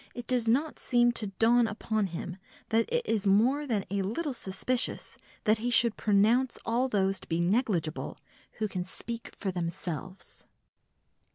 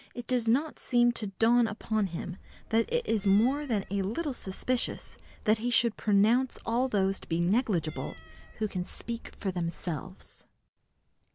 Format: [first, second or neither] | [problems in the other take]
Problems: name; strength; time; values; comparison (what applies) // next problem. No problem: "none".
first | background sound (Cat); 19 dB below the speech